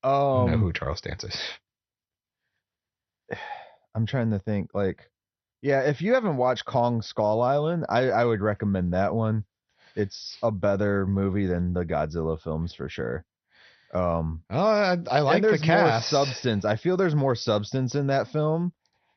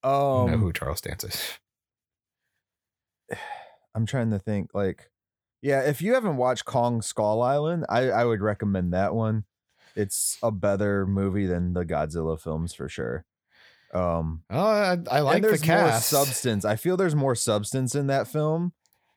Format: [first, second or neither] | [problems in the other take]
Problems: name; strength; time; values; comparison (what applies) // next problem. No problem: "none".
second | garbled, watery; slightly; nothing above 6 kHz